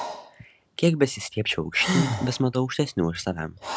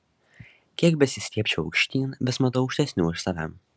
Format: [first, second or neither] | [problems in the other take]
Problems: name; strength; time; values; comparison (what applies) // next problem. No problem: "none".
second | background sound (Breathing); 6 dB below the speech